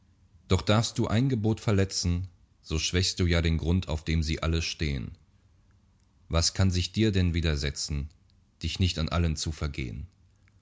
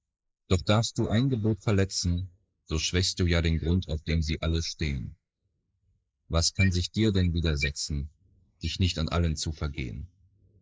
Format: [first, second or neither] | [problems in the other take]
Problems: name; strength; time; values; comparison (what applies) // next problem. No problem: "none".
first | noise reduction (neural mask model Resemble Enhance denoiser)